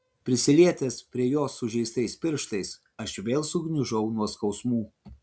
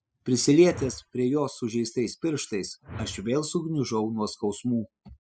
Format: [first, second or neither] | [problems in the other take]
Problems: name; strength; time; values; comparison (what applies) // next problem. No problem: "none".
first | noise reduction (classical method spectral subtraction)